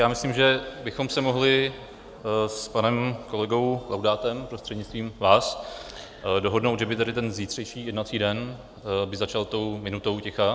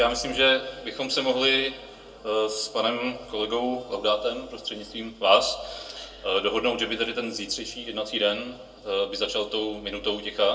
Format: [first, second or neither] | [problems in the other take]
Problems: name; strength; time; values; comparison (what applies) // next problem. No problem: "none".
first | room echo; dies away in 0.2 s